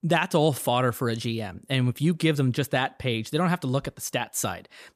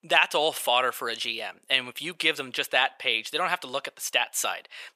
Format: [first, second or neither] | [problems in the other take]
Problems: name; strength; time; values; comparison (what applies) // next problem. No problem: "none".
first | thin; very; fading below 700 Hz